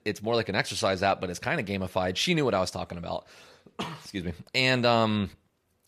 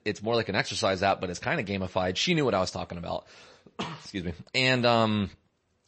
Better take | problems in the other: first | garbled, watery; slightly; nothing above 8 kHz

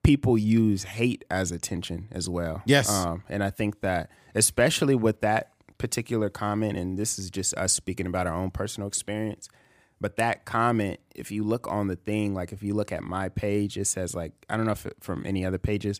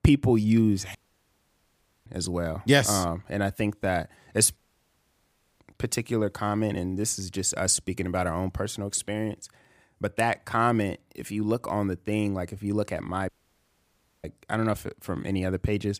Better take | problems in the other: first | audio cutting out; at 1 s for 1 s, at 4.5 s for 1 s and at 13 s for 1 s

